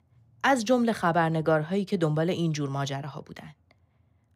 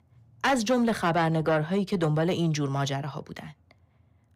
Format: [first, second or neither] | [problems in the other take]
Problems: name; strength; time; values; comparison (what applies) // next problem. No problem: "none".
first | distortion; slight; 10 dB below the speech